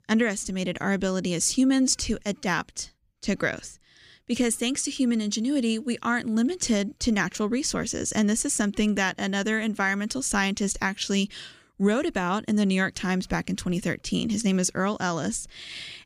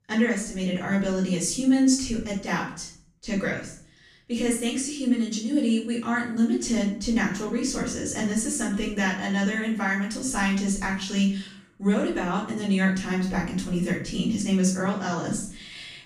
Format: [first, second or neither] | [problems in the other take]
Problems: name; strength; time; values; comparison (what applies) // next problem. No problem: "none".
first | off-mic speech; far // room echo; noticeable; dies away in 0.5 s